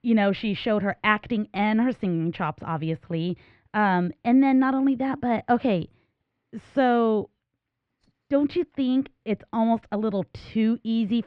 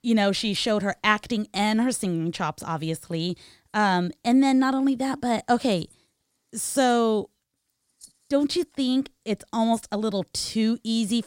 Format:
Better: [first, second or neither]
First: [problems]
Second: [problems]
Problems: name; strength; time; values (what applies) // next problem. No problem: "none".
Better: second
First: muffled; very; fading above 2.5 kHz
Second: none